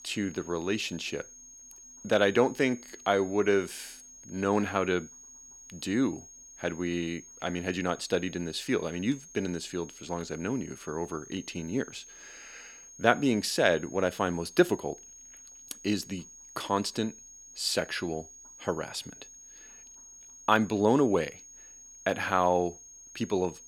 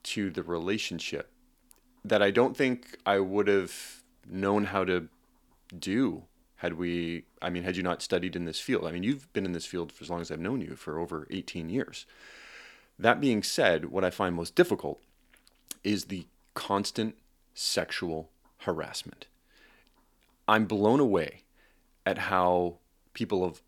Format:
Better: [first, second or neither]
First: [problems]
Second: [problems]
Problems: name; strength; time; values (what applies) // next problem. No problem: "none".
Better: second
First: high-pitched whine; noticeable; throughout; 6.5 kHz, 20 dB below the speech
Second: none